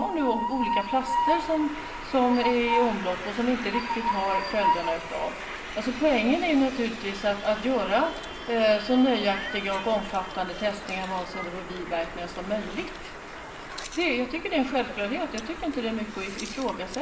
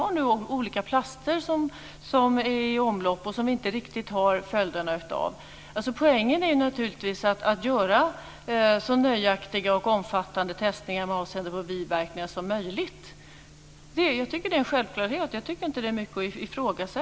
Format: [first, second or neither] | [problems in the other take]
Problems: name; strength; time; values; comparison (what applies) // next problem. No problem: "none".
second | background sound (Train); 6 dB below the speech // room echo; dies away in 0.9 s